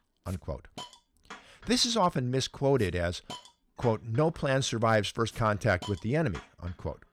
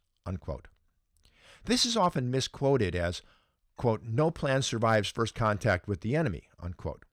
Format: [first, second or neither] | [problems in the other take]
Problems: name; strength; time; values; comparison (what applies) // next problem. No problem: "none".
second | hiss; noticeable; throughout; 20 dB below the speech